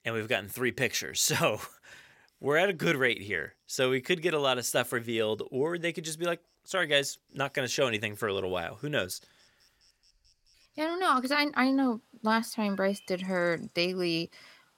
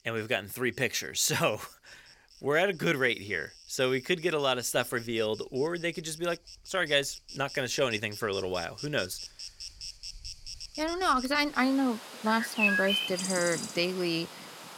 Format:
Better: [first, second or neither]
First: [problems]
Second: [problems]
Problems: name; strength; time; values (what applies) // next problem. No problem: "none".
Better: first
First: animal sounds; faint; throughout; 30 dB below the speech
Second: animal sounds; loud; throughout; 6 dB below the speech